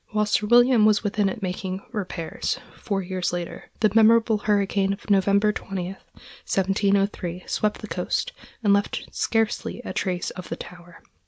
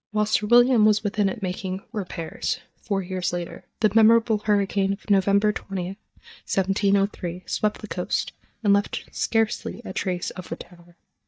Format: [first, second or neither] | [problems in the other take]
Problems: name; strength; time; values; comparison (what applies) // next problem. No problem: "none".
first | noise reduction (neural mask model DeepFilterNet 3)